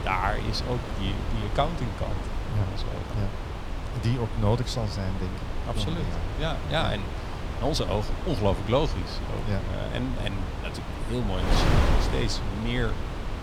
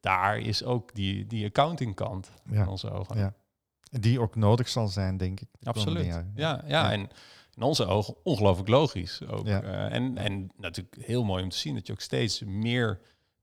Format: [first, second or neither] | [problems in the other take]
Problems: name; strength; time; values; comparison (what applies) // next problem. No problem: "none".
second | wind noise on the microphone; heavy; 4 dB below the speech